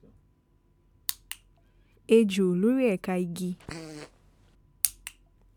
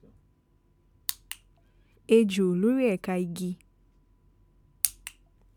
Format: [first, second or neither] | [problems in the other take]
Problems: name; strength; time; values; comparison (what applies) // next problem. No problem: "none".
second | background sound (Fart); 16 dB below the speech